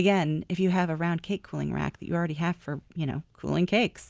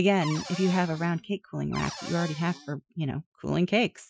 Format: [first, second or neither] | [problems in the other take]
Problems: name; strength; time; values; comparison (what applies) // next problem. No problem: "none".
first | noise reduction (classical method Wiener filter)